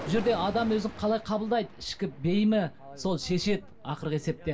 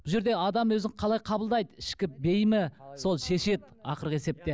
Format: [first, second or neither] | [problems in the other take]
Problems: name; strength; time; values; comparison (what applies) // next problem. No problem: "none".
second | background sound (Thunder); 16 dB below the speech // room echo; dies away in 0.2 s